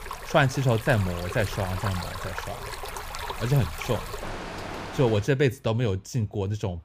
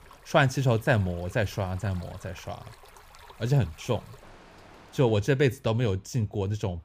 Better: second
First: rain or running water; loud; until 5 s; 9 dB below the speech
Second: rain or running water; faint; until 5 s; 25 dB below the speech

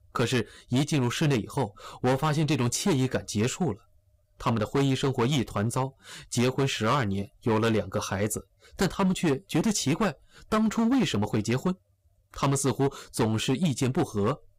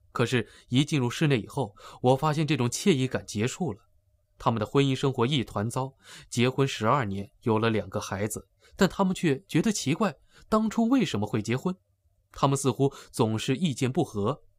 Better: second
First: distortion; heavy; 10% of the sound clipped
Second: none

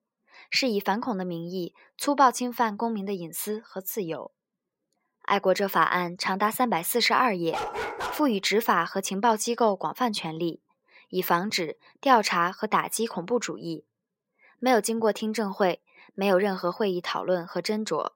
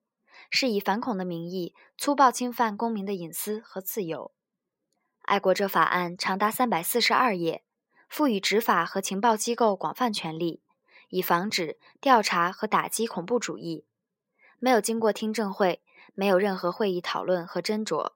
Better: second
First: dog barking; noticeable; at 7.5 s; peak 5 dB below the speech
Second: none

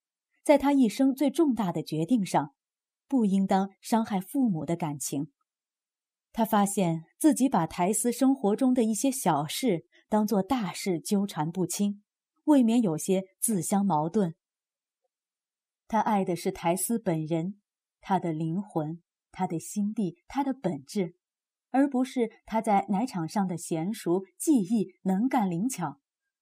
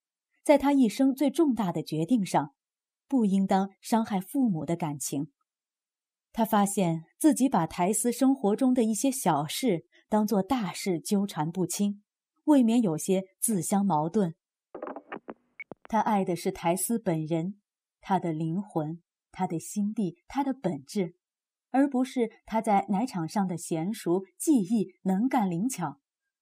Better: first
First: none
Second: phone ringing; faint; from 15 to 16 s; peak 10 dB below the speech

